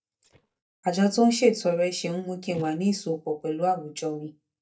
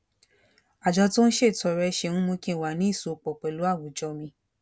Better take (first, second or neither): second